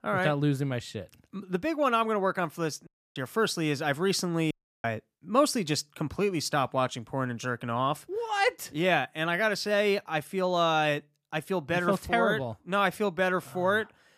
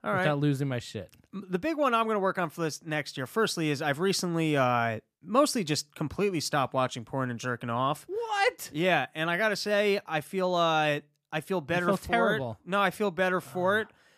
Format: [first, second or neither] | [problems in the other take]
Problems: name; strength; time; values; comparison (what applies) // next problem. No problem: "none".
second | audio cutting out; at 3 s and at 4.5 s